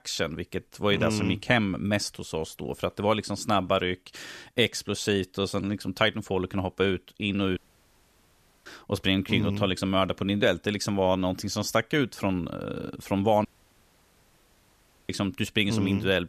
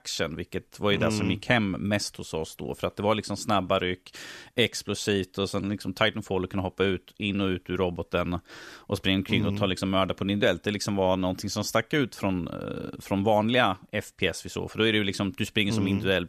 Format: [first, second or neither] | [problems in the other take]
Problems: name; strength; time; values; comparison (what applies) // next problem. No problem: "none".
second | audio cutting out; at 7.5 s for 1 s and at 13 s for 1.5 s